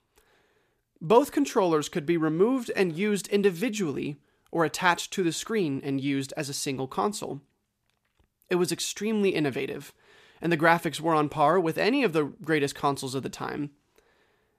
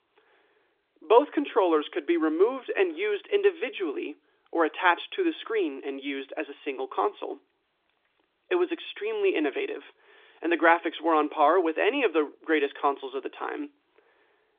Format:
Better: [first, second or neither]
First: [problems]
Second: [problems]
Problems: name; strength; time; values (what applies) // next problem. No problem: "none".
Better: first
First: none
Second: phone-call audio; nothing above 3.5 kHz